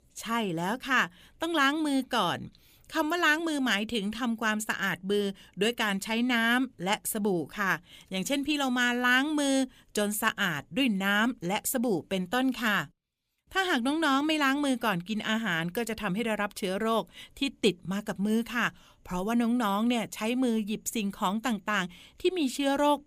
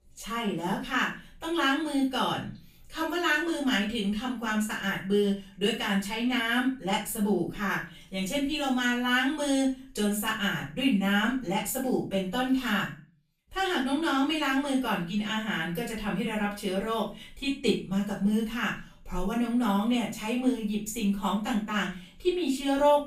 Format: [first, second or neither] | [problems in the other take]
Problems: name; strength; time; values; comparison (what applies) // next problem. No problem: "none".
first | off-mic speech; far // room echo; slight; dies away in 0.3 s